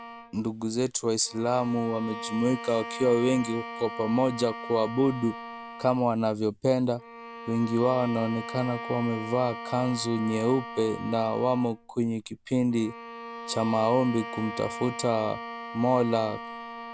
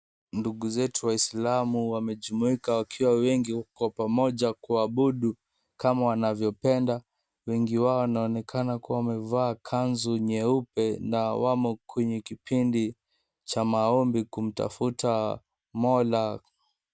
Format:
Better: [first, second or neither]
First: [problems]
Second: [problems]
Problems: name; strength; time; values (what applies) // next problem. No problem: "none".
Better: second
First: background sound (Bowed string instrument); 12 dB below the speech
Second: none